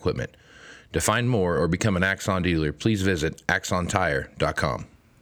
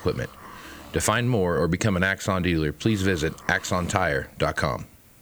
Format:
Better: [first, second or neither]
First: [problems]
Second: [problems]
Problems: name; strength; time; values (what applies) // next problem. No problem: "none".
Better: first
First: none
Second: hiss; faint; throughout; 20 dB below the speech